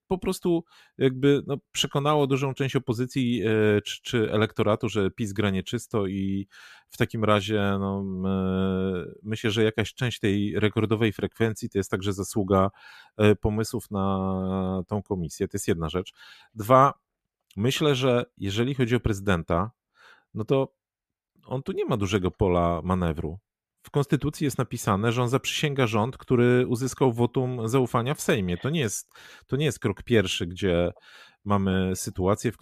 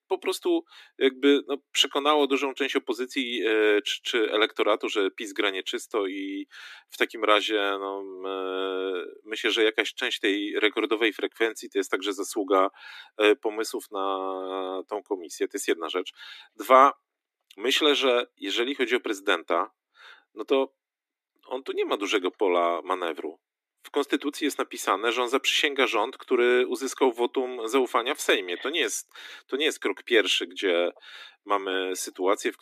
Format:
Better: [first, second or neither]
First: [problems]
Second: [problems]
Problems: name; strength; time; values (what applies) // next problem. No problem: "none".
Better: first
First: none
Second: thin; somewhat; fading below 300 Hz